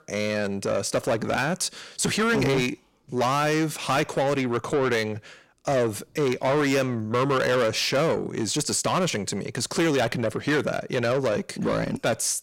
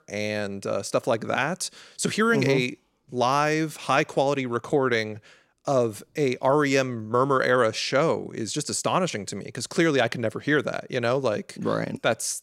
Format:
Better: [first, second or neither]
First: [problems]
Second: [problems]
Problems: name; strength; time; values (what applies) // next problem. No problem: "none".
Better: second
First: distortion; heavy; 8 dB below the speech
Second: none